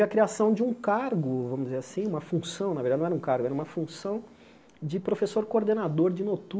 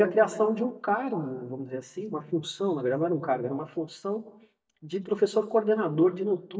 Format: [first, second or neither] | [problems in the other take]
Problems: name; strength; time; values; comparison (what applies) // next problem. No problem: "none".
first | noise reduction (neural mask model DeepFilterNet 3)